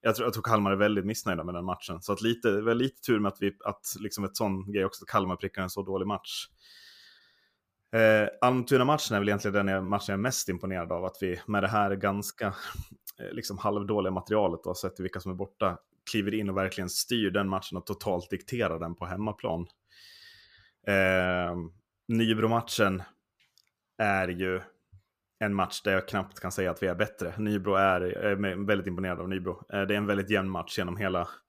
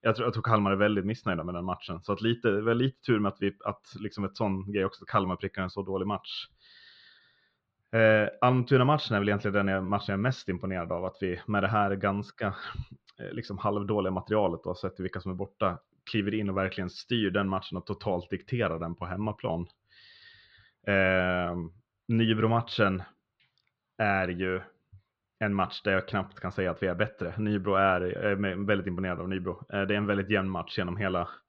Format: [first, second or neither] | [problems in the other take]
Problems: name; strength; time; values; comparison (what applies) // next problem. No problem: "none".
first | muffled; slightly; fading above 4 kHz